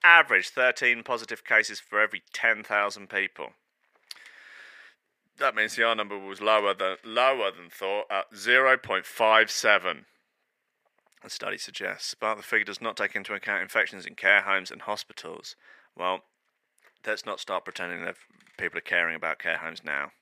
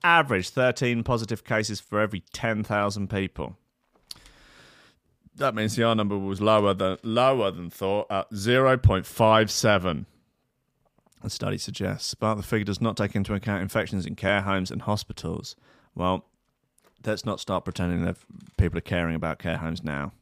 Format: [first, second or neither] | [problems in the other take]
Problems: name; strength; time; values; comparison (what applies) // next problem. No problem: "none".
second | thin; very; fading below 500 Hz